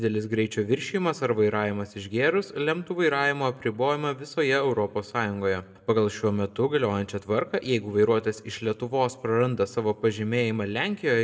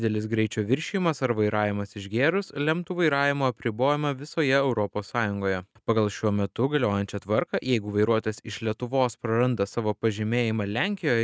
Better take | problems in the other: second | room echo; dies away in 0.6 s

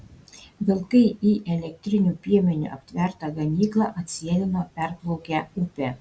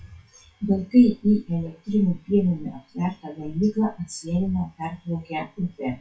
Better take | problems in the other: first | noise reduction (classical method WPE with log-MMSE)

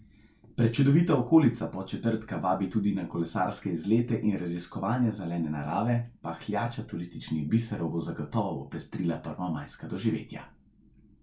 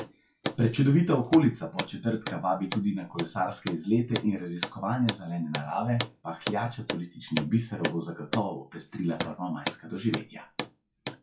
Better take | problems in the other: first | noise reduction (classical method log-MMSE)

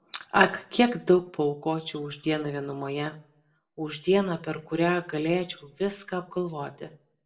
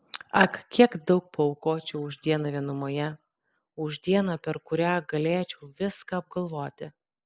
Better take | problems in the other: second | room echo; dies away in 0.3 s

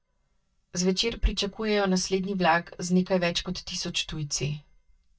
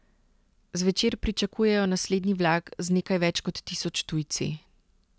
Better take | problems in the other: second | noise reduction (neural mask model DeepFilterNet 3)

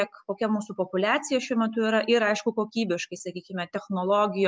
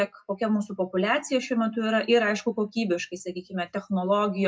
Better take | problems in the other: first | room echo; dies away in 0.2 s

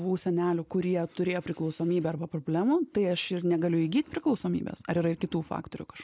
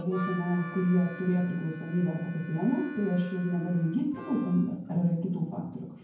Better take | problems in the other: first | background sound (Harmonica); 17 dB below the speech // room echo; dies away in 0.9 s

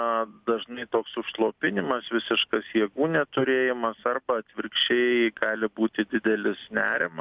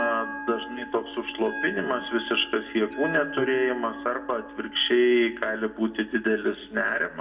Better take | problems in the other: first | background sound (Bell); 11 dB below the speech // room echo; dies away in 0.6 s

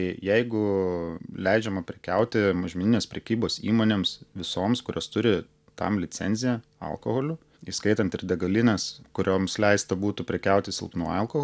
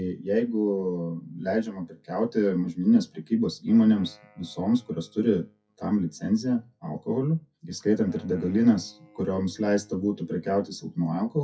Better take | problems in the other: first | noise reduction (classical method WPE with log-MMSE)

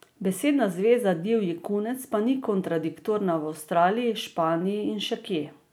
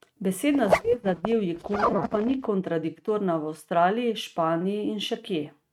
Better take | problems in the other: first | noise reduction (neural mask model RNNoise)

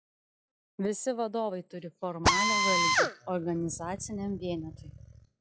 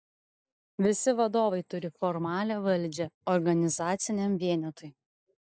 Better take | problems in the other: second | noise reduction (classical method log-MMSE)

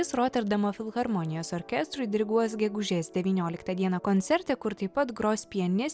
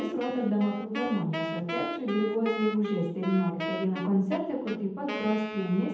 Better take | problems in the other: first | background sound (Wind instrument, woodwind instrument); 8 dB below the speech // room echo; dies away in 0.8 s

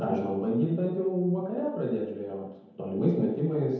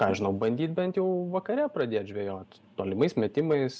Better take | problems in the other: second | room echo; dies away in 0.9 s

